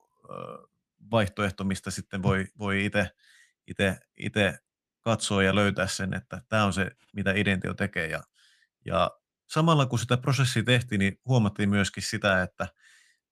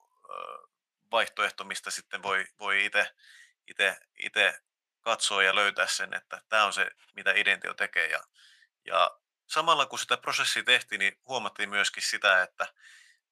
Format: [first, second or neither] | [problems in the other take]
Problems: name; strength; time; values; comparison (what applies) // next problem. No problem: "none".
first | thin; very; fading below 850 Hz